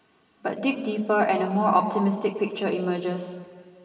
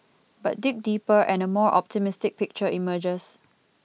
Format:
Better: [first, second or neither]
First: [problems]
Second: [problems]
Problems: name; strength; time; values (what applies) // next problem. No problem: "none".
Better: second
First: room echo; dies away in 2 s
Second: none